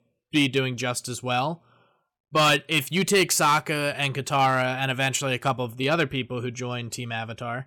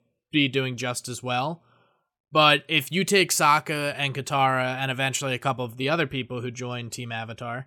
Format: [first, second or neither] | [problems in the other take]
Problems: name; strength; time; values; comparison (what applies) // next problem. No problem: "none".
second | distortion; slight; 2% of the sound clipped